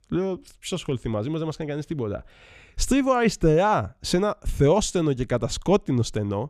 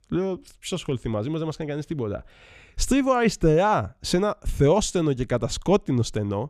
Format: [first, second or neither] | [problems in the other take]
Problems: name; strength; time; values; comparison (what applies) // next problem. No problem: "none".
neither | none